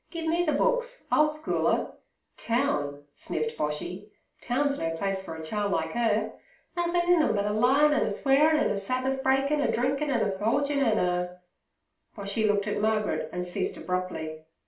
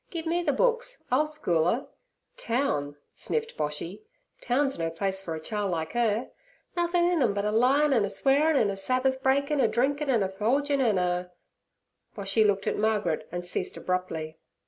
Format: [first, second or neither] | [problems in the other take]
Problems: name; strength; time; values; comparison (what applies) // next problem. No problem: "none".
second | room echo; dies away in 0.3 s